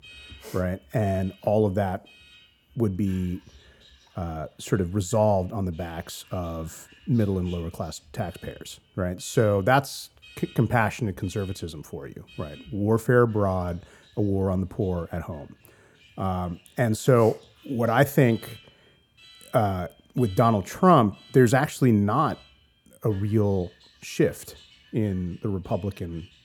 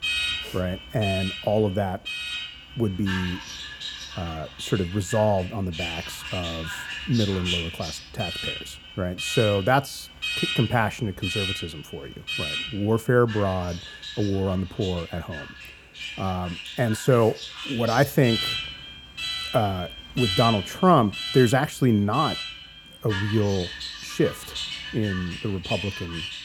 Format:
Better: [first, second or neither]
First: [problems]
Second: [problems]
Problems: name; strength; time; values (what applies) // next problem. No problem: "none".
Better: first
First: alarms or sirens; faint; throughout; 25 dB below the speech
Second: alarms or sirens; loud; throughout; 6 dB below the speech